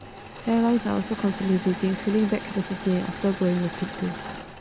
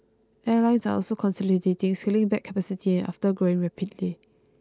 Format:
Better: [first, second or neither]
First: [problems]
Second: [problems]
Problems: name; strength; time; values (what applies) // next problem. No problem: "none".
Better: second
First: background sound (Engine / Mechanisms); 11 dB below the speech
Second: none